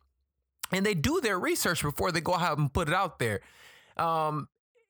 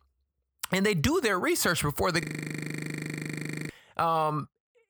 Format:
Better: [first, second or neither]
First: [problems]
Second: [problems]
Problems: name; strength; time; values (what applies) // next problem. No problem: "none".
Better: first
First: none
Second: audio freezing; at 2 s for 1.5 s